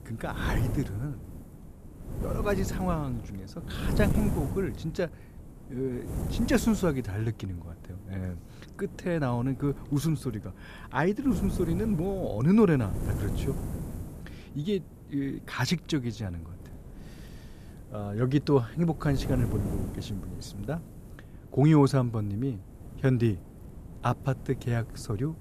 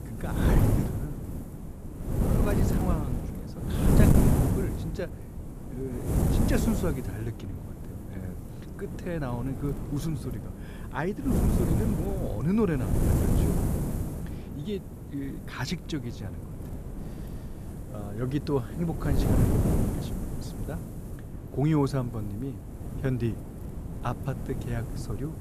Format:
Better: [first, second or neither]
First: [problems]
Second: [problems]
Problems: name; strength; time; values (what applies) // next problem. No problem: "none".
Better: first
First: wind noise on the microphone; occasional gusts; 15 dB below the speech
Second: wind noise on the microphone; heavy; 1 dB below the speech